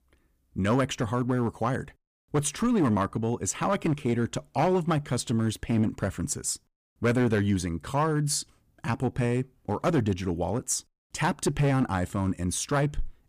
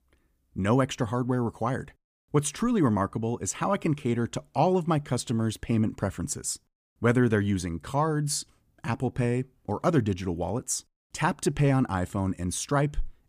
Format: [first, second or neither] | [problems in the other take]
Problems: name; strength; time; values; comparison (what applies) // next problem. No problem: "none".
second | distortion; slight; 5% of the sound clipped